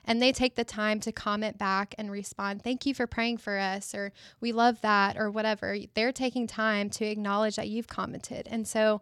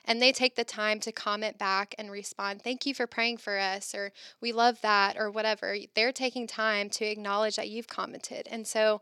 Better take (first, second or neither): first